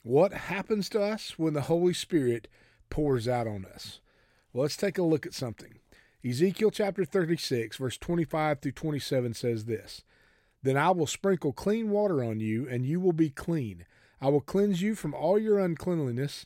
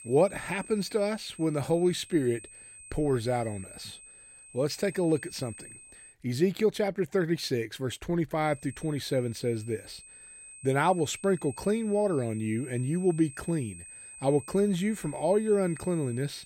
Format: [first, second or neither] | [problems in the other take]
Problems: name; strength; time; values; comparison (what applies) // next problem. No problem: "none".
first | high-pitched whine; noticeable; until 6 s and from 8.5 s on; 8.5 kHz, 15 dB below the speech